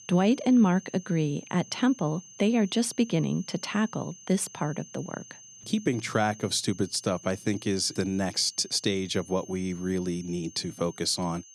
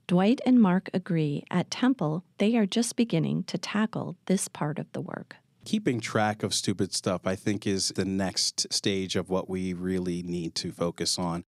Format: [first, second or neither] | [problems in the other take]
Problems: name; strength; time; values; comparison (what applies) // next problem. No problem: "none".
second | high-pitched whine; noticeable; throughout; 6.5 kHz, 20 dB below the speech